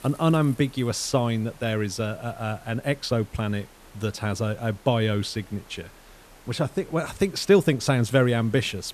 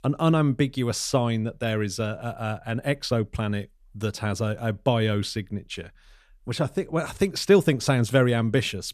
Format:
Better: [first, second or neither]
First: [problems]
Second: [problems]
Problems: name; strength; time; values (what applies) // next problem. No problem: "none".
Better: second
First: hiss; faint; throughout; 25 dB below the speech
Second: none